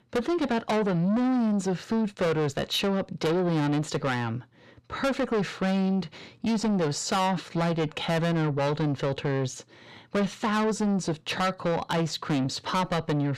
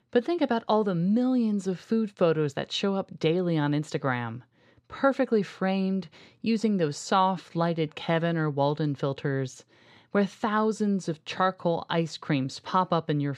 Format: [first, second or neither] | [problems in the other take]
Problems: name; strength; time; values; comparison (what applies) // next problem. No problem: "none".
second | distortion; heavy; 7 dB below the speech